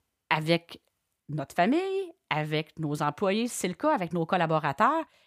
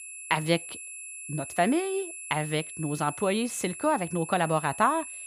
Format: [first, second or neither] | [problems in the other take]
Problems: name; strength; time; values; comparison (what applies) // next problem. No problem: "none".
first | high-pitched whine; loud; throughout; 11 kHz, 10 dB below the speech